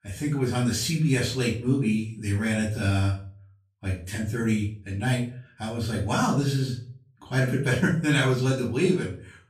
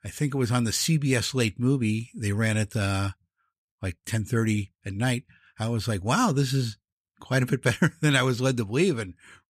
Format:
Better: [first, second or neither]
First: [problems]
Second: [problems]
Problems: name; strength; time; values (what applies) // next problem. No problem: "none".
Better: second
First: off-mic speech; far // room echo; slight; dies away in 0.4 s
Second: none